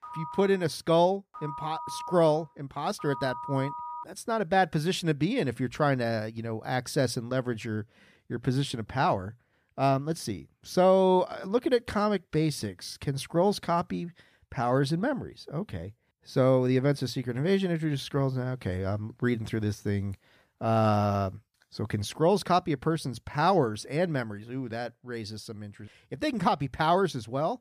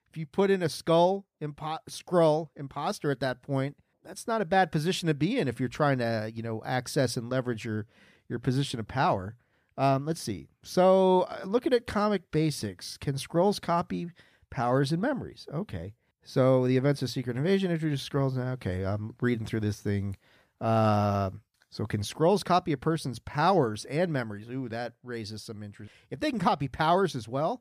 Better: second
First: phone ringing; noticeable; until 4 s; peak 9 dB below the speech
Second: none

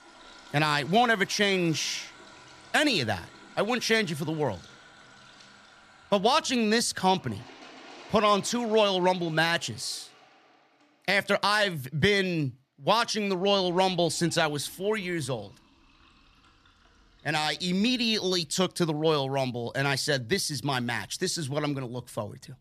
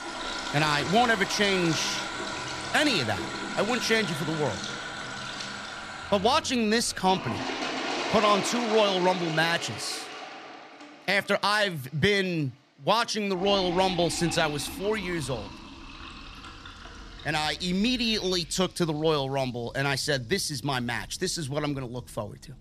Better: first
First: household noises; faint; throughout; 25 dB below the speech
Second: household noises; loud; throughout; 7 dB below the speech

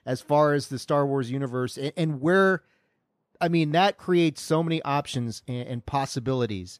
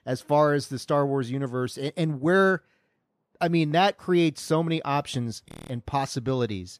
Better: first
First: none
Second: audio freezing; at 5.5 s

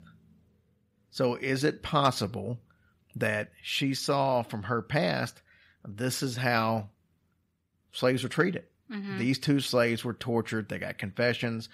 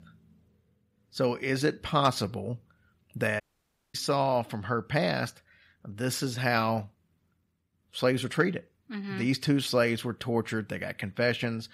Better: first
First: none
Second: audio cutting out; at 3.5 s for 0.5 s

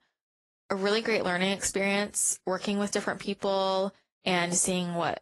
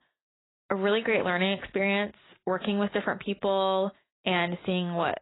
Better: first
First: garbled, watery; slightly; nothing above 11 kHz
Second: garbled, watery; badly; nothing above 4 kHz

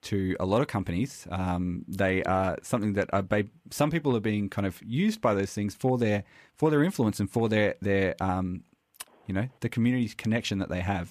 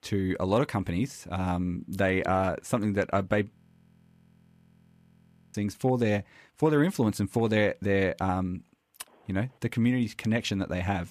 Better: first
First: none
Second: audio freezing; at 3.5 s for 2 s

